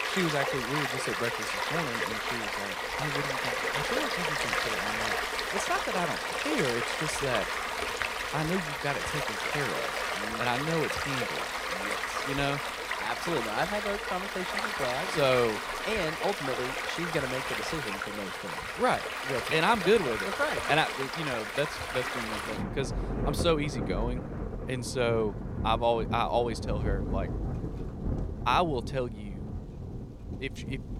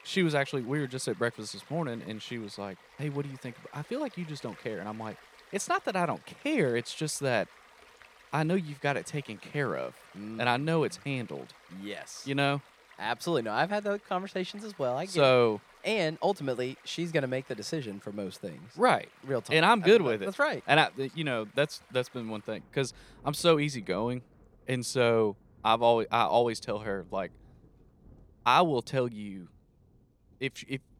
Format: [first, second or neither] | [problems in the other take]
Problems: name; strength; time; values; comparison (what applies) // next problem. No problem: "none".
second | rain or running water; loud; throughout; as loud as the speech; faint in the second